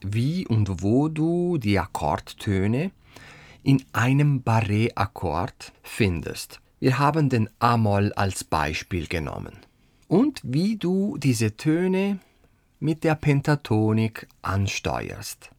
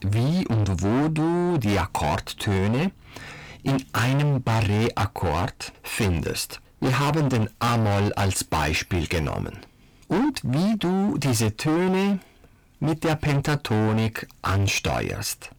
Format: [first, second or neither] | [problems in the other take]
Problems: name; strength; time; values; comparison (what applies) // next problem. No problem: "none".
first | distortion; heavy; 28% of the sound clipped